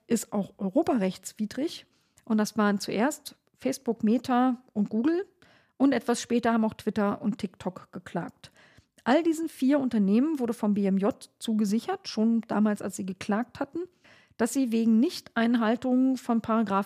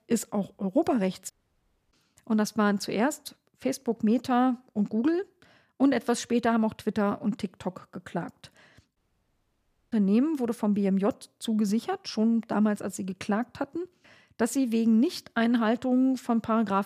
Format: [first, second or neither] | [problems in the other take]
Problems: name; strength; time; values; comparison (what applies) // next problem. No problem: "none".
first | audio cutting out; at 1.5 s for 0.5 s and at 9 s for 1 s